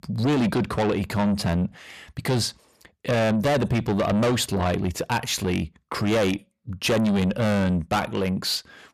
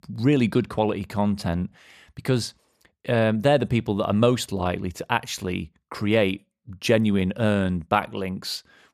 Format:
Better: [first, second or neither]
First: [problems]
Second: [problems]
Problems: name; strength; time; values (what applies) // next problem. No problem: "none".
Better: second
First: distortion; heavy; 6 dB below the speech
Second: none